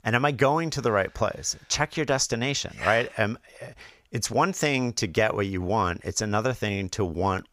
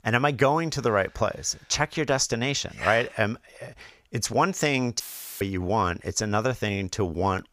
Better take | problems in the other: first | audio cutting out; filled with static; at 5 s

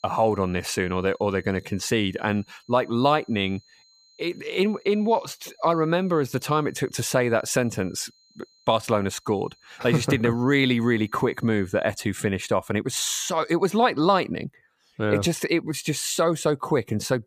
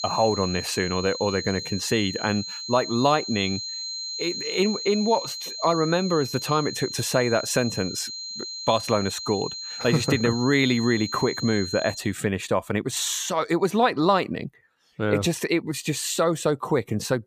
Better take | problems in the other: first | high-pitched whine; loud; until 12 s; 4 kHz, 7 dB below the speech; faint in the first

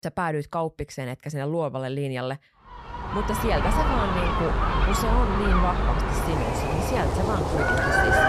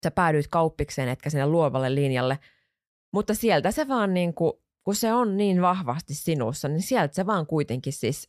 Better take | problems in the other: second | animal sounds; very loud; from 3 s on; 5 dB above the speech

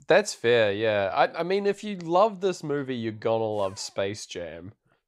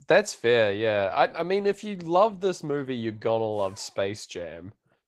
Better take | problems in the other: first | garbled, watery; slightly

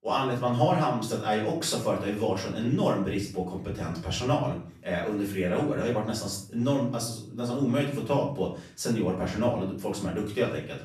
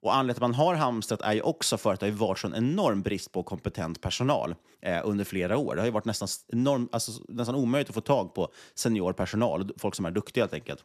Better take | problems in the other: second | off-mic speech; far // room echo; slight; dies away in 0.5 s

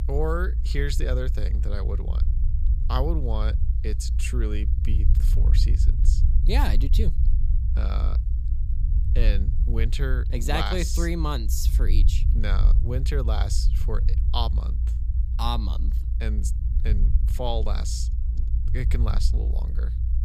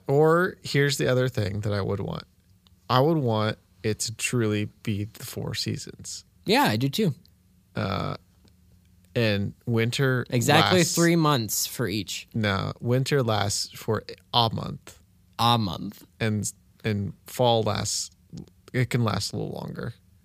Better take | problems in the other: second | low rumble; noticeable; throughout; 10 dB below the speech

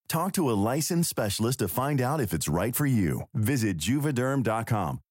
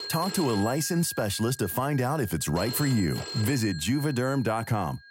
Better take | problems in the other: first | phone ringing; noticeable; peak 7 dB below the speech

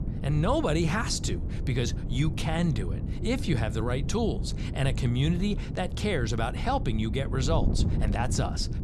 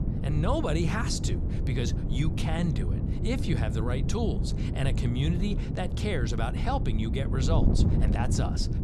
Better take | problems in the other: first | wind noise on the microphone; heavy; 5 dB below the speech; occasional gusts in the first

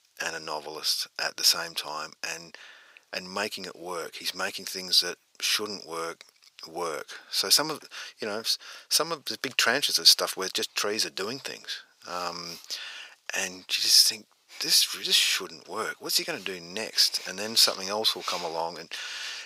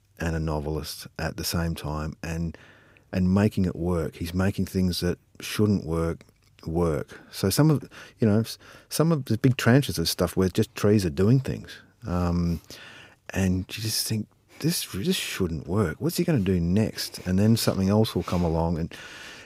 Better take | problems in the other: second | thin; very; fading below 750 Hz

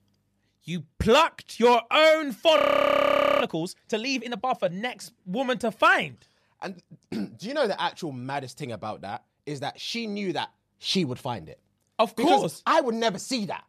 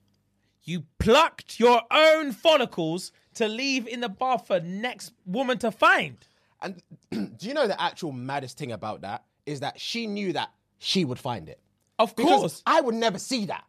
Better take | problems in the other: second | audio freezing; at 2.5 s for 1 s

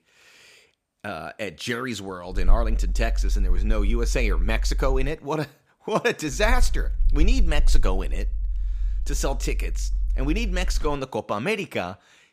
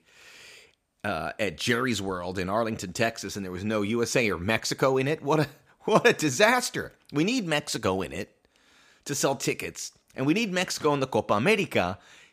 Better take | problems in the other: second | low rumble; faint; from 2.5 to 5 s and from 6.5 to 11 s; 25 dB below the speech

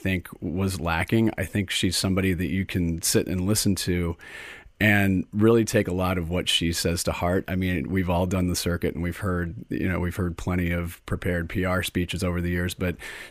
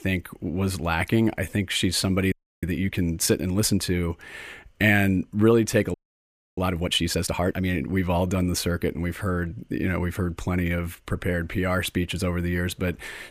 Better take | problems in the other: first | audio freezing; at 2.5 s and at 6 s for 0.5 s

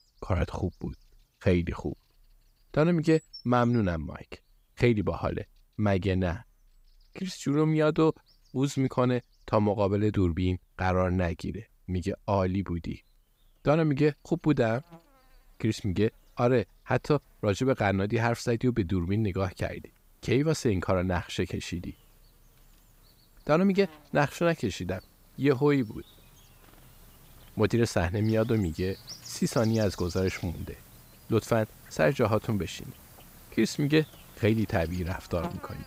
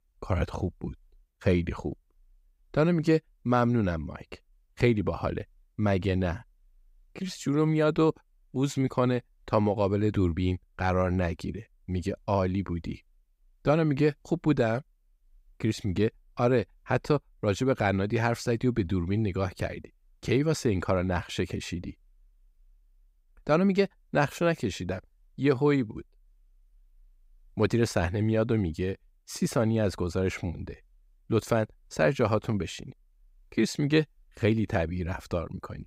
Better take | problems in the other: second | animal sounds; faint; throughout; 20 dB below the speech

